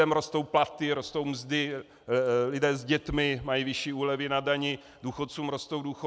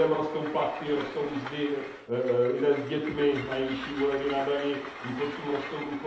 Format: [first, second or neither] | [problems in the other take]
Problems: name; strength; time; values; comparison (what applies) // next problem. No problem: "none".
first | background sound (Train); 12 dB below the speech // room echo; dies away in 1.9 s